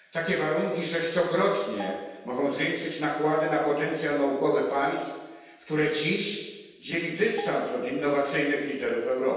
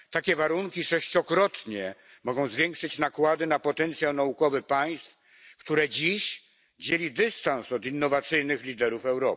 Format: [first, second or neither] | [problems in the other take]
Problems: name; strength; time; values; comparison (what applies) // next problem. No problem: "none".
second | background sound (Bell); 18 dB below the speech // room echo; dies away in 1.2 s